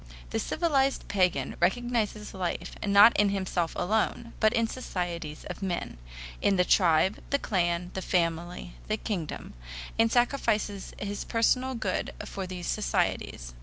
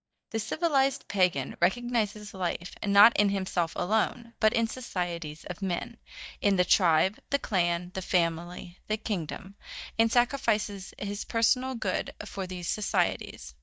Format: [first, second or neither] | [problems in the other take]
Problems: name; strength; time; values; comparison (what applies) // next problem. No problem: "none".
first | noise reduction (neural mask model DeepFilterNet 3)